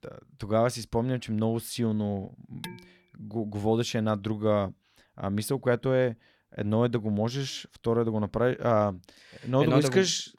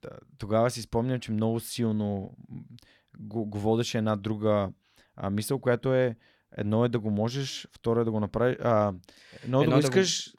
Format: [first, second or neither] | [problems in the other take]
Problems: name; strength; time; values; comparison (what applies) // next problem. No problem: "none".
second | clattering dishes; faint; at 2.5 s; peak 15 dB below the speech